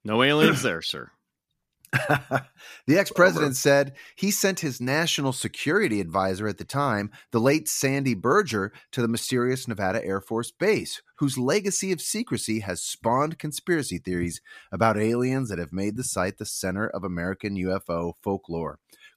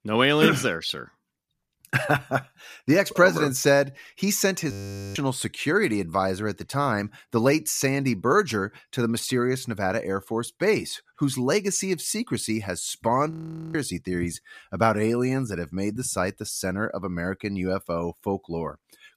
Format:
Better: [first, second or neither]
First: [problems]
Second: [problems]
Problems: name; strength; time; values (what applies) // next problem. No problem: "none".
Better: first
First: none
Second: audio freezing; at 4.5 s and at 13 s